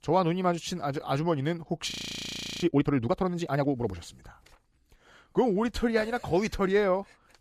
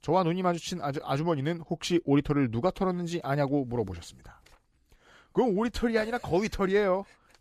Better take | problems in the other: second | audio freezing; at 2 s for 0.5 s

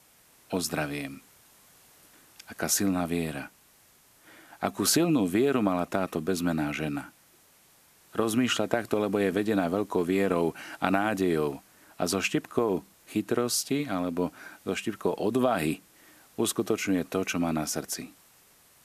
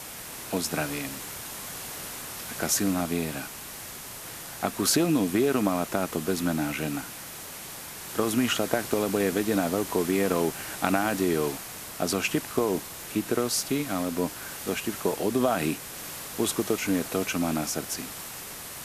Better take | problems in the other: first | hiss; loud; throughout; 9 dB below the speech; faint in the first

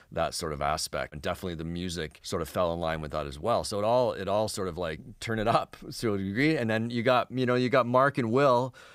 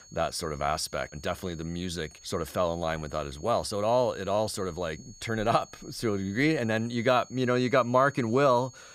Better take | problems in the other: first | high-pitched whine; faint; throughout; 6.5 kHz, 20 dB below the speech

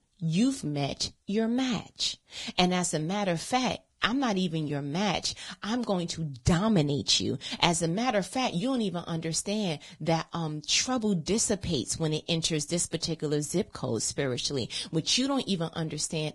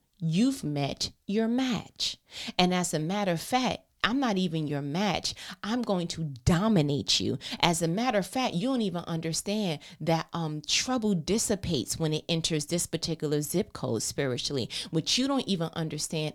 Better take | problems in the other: second | garbled, watery; badly; nothing above 10.5 kHz

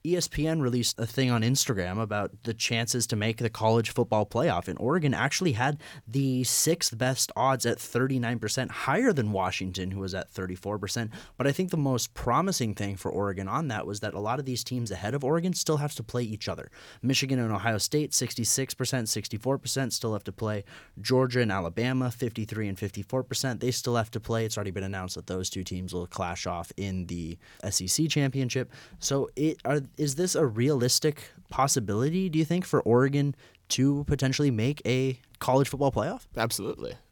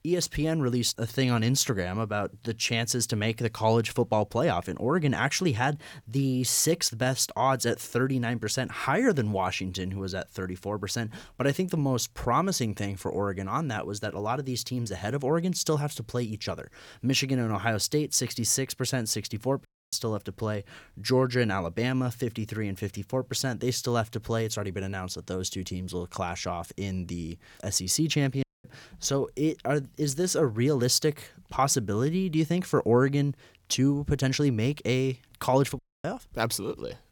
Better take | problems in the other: first | audio cutting out; at 20 s, at 28 s and at 36 s

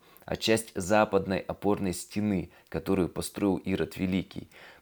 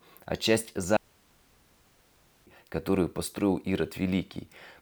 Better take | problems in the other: first | audio cutting out; at 1 s for 1.5 s

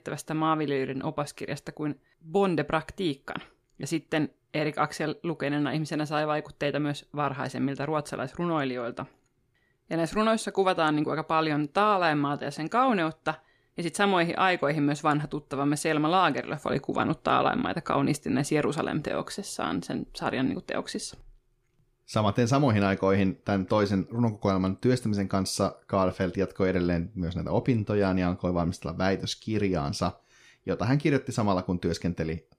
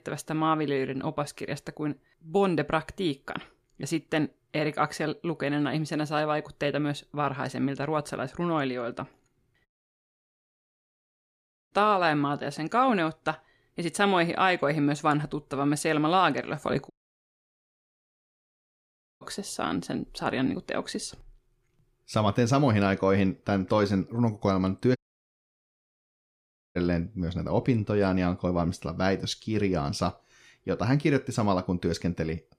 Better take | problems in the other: first | audio cutting out; at 9.5 s for 2 s, at 17 s for 2.5 s and at 25 s for 2 s

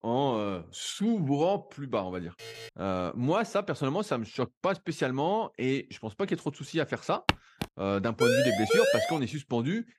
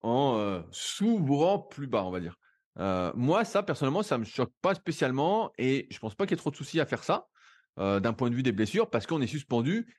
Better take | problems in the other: second | alarm; faint; at 2.5 s; peak 10 dB below the speech // footsteps; very faint; at 7.5 s; peak 1 dB above the speech // siren; loud; at 8 s; peak 6 dB above the speech

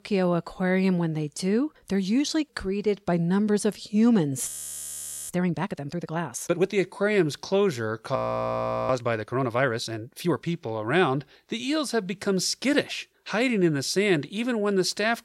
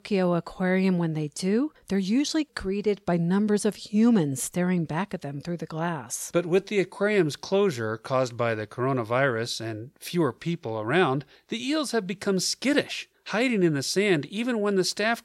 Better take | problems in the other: second | audio freezing; at 4.5 s for 1 s and at 8 s for 0.5 s

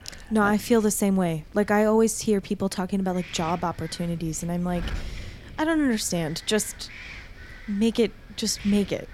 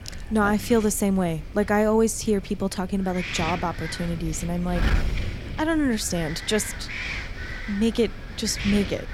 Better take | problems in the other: first | wind noise on the microphone; heavy; 7 dB below the speech; occasional gusts in the first

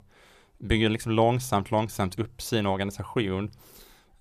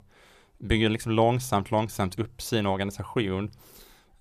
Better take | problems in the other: neither | none

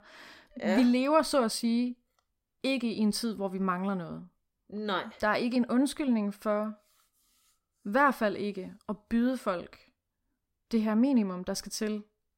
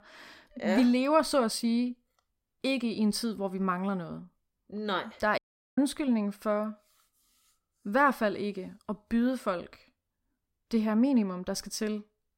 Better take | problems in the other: first | audio cutting out; at 5.5 s

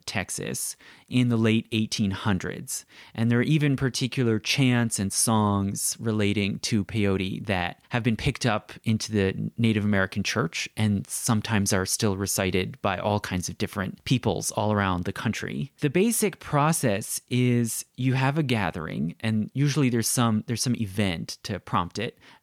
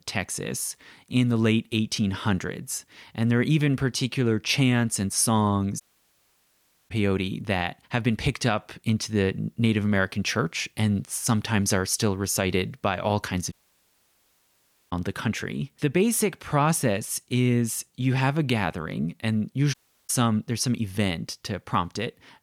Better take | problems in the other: first | audio cutting out; at 6 s for 1 s, at 14 s for 1.5 s and at 20 s

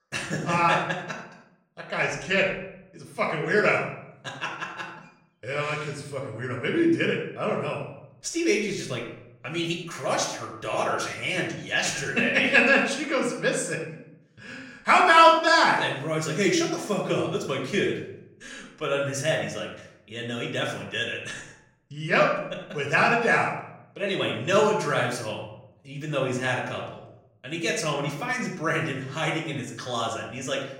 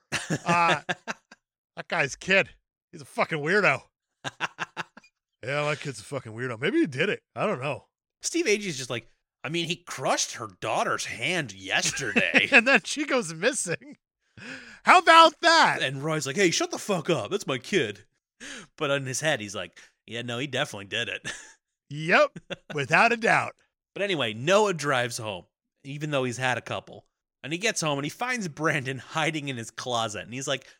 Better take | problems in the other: second | off-mic speech; far // room echo; noticeable; dies away in 0.6 s

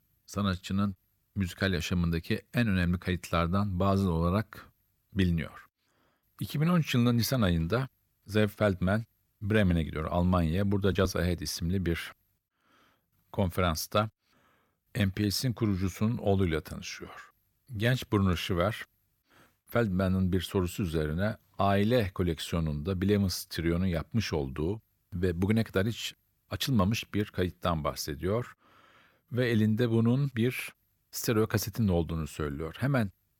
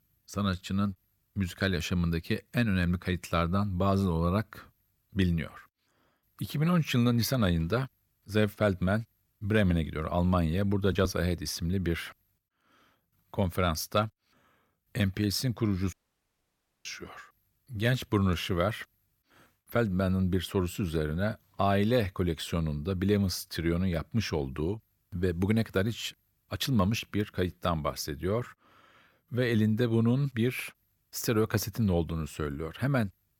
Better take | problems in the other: first | audio cutting out; at 16 s for 1 s

